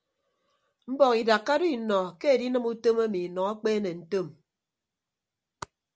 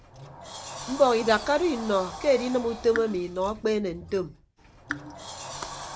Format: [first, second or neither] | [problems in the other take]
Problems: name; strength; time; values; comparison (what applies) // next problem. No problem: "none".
first | background sound (Sliding door + Raindrop / Drip); 12 dB below the speech